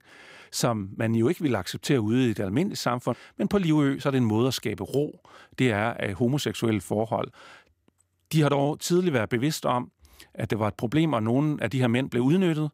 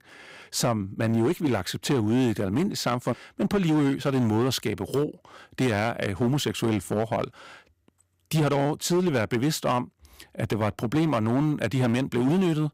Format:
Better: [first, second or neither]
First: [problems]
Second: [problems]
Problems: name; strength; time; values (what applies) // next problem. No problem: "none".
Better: first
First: none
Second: distortion; slight; 9% of the sound clipped